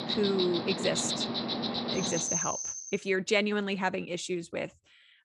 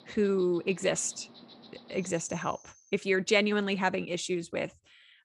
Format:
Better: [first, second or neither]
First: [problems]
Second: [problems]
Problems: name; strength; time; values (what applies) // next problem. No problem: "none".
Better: second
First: animal sounds; loud; until 2.5 s; as loud as the speech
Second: animal sounds; faint; until 2.5 s; 20 dB below the speech